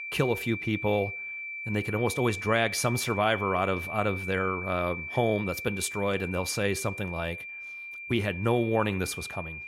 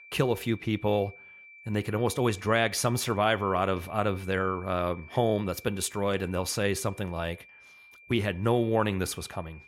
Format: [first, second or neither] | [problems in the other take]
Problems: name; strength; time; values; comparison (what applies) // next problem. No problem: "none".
second | high-pitched whine; loud; throughout; 2.5 kHz, 7 dB below the speech; faint in the second